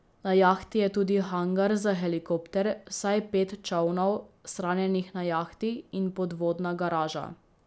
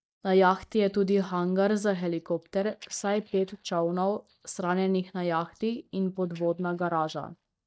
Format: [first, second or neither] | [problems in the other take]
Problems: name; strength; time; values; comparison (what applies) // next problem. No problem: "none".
first | noise reduction (neural mask model DeepFilterNet 3)